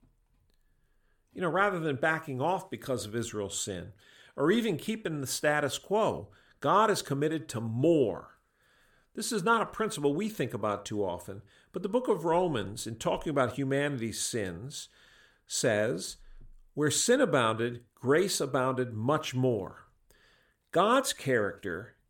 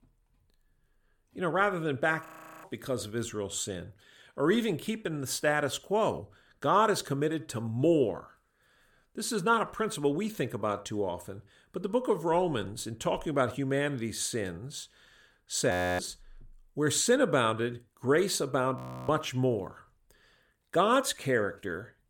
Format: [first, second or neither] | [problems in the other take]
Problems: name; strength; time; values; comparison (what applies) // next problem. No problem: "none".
first | audio freezing; at 2.5 s, at 16 s and at 19 s